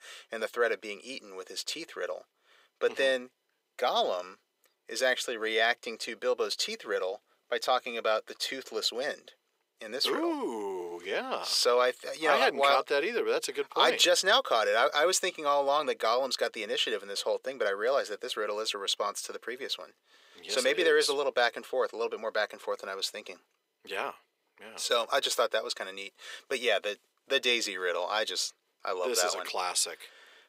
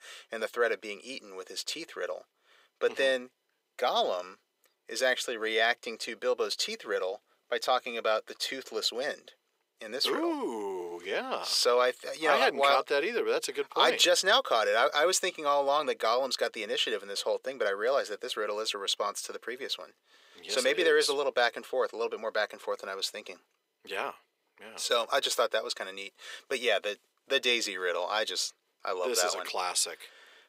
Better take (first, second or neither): neither